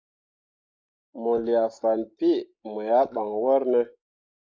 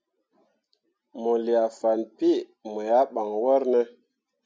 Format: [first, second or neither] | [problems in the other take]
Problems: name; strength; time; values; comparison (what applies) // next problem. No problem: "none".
second | noise reduction (neural mask model Resemble Enhance denoiser)